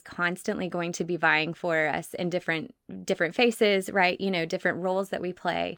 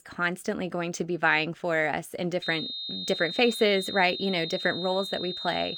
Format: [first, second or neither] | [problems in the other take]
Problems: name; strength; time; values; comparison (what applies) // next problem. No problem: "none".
first | high-pitched whine; loud; from 2.5 s on; 3.5 kHz, 6 dB below the speech